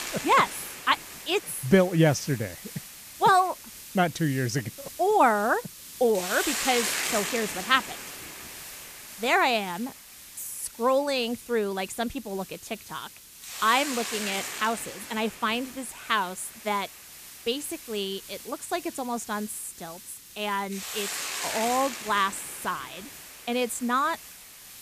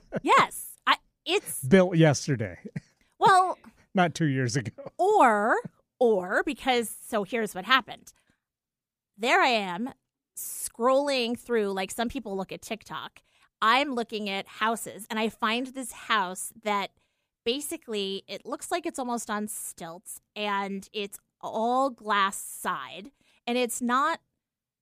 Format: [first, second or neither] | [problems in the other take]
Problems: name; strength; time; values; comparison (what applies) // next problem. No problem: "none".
second | hiss; loud; throughout; 9 dB below the speech